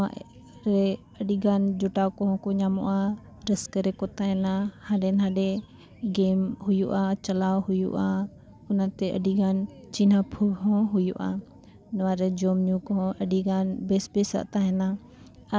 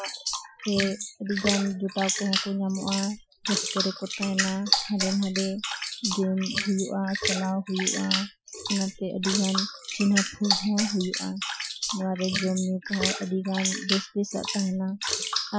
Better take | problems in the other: first | noise reduction (classical method Wiener filter)

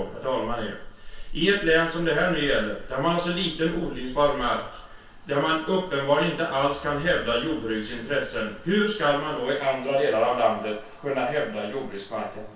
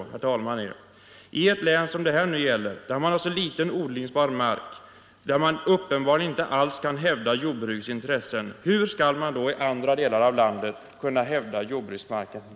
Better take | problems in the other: second | background sound (Motor vehicle (road)); 14 dB below the speech // room echo; dies away in 0.3 s

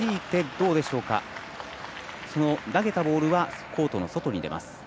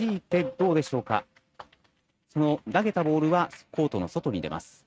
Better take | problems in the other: first | noise reduction (neural mask model RNNoise)

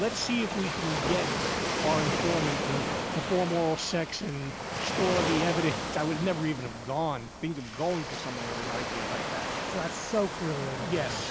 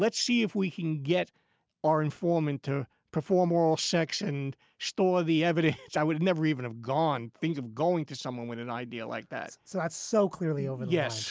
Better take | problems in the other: second | background sound (Waves, surf); 1 dB below the speech

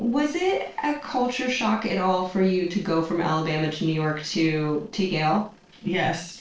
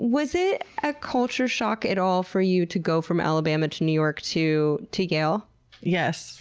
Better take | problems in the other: second | noise reduction (neural separator model SepFormer DNS4)

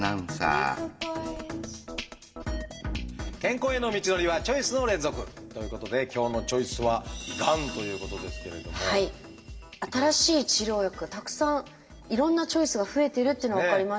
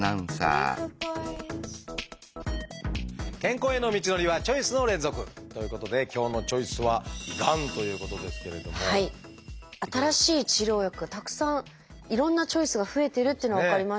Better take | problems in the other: second | room echo; dies away in 1.1 s

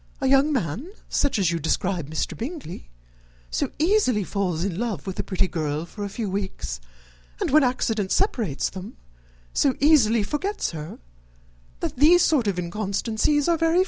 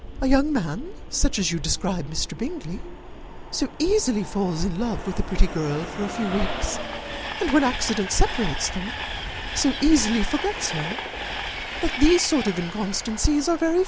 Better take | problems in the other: first | background sound (Train); 9 dB below the speech

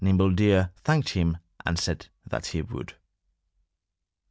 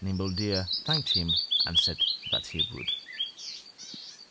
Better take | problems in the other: first | background sound (Bird vocalization, bird call, bird song); 5 dB above the speech

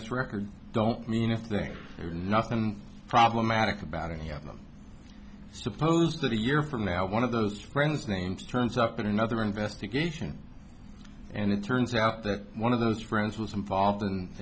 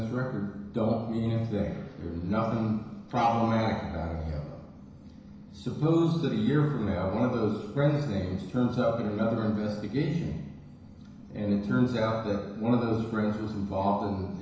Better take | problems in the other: first | room echo; dies away in 1 s

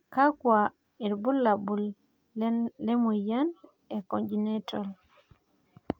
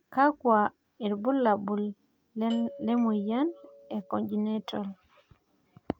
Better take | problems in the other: first | background sound (Doorbell); 18 dB below the speech

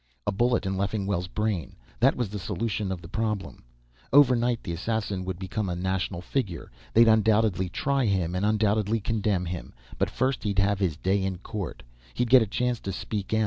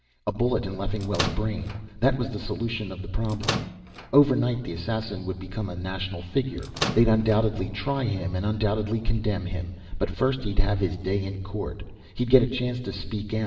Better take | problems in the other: first | background sound (Microwave oven); 7 dB below the speech // room echo; dies away in 1.8 s

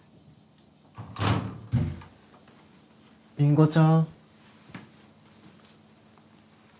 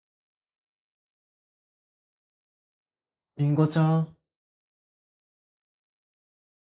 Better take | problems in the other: first | noise reduction (neural mask model Resemble Enhance denoiser)

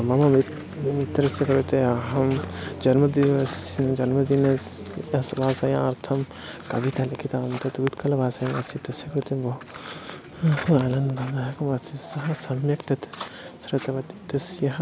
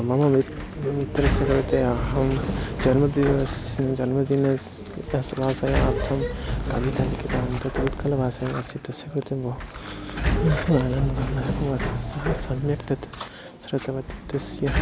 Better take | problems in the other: first | background sound (Sliding door); 4 dB below the speech

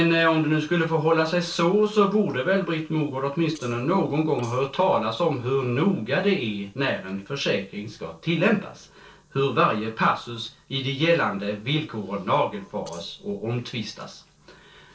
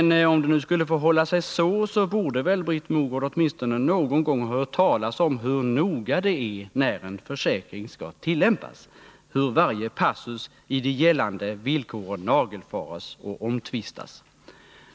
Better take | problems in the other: second | noise reduction (neural separator model SepFormer DNS4)

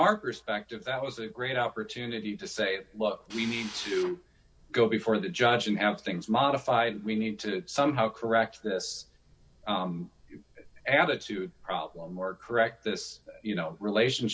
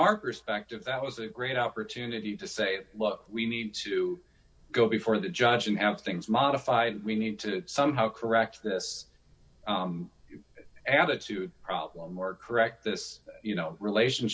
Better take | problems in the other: second | background sound (Drill); 15 dB below the speech

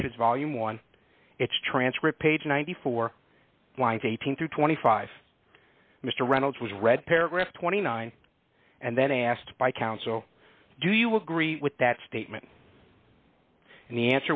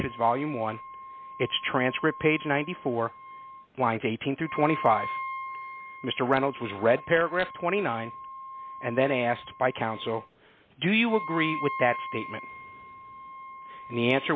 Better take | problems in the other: first | background sound (Wind instrument, woodwind instrument); 12 dB below the speech

